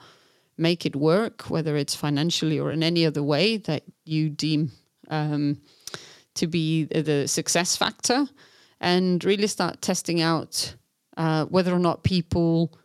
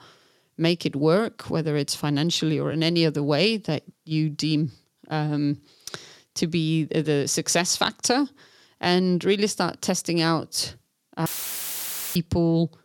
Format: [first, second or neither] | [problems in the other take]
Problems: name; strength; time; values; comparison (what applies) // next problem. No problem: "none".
first | audio cutting out; filled with static; at 11 s for 1 s